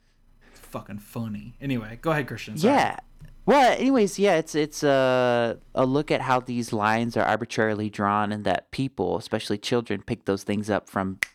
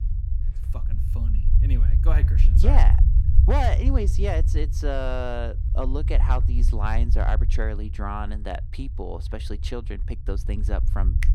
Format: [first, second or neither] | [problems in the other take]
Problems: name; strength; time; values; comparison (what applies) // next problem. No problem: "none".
first | low rumble; noticeable; throughout; 10 dB below the speech